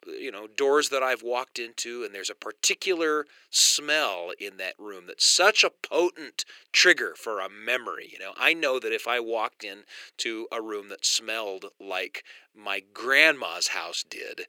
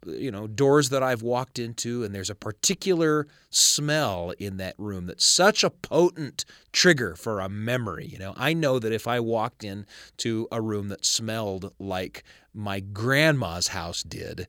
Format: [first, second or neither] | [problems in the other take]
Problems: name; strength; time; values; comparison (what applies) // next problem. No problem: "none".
second | thin; very; fading below 350 Hz